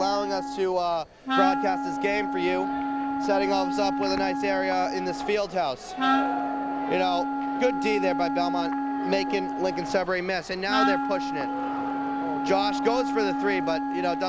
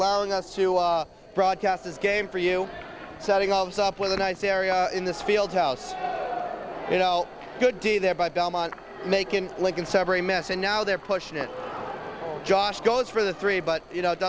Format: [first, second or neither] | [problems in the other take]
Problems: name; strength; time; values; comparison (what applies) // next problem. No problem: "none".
second | background sound (Wind instrument, woodwind instrument); as loud as the speech